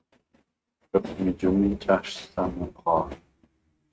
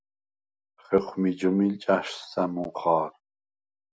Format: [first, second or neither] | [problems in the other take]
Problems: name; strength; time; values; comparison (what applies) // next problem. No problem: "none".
second | noise reduction (neural mask model RNNoise)